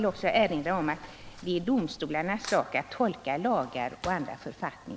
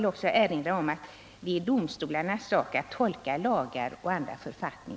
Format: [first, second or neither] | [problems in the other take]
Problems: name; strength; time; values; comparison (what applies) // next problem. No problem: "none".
second | background sound (Sink (filling or washing) + Cutlery, silverware / Drawer open or close); 18 dB below the speech